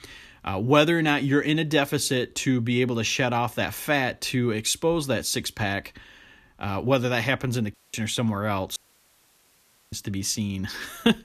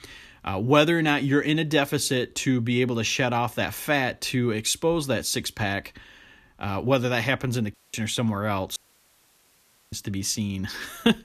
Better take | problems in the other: neither | audio cutting out; at 7.5 s and at 9 s for 1 s; the same in both

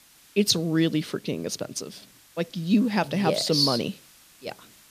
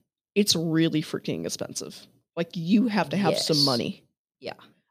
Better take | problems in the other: second | hiss; faint; throughout; 25 dB below the speech

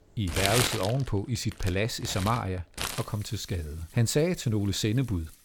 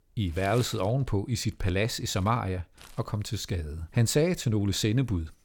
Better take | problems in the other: second | household noises; loud; throughout; 3 dB below the speech; faint in the second

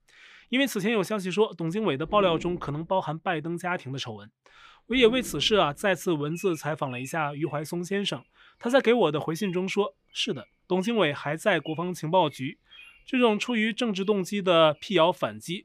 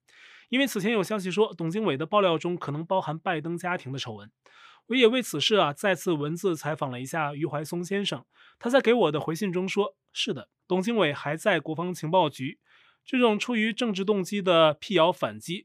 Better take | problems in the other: second | animal sounds; noticeable; throughout; 20 dB below the speech

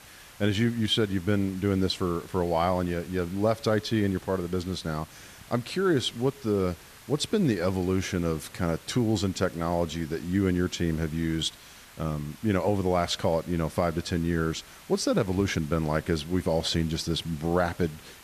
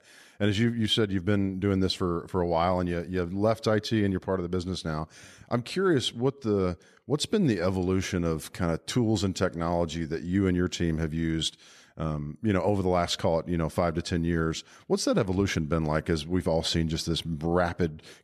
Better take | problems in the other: second | hiss; faint; throughout; 20 dB below the speech

